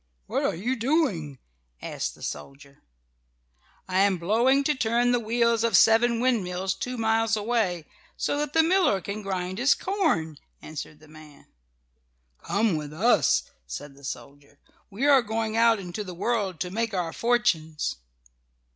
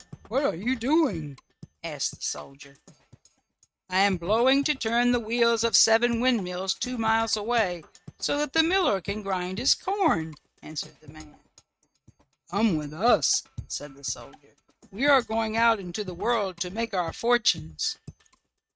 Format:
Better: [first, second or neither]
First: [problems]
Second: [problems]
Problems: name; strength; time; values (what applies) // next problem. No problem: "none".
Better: first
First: none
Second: noise reduction (neural mask model RNNoise)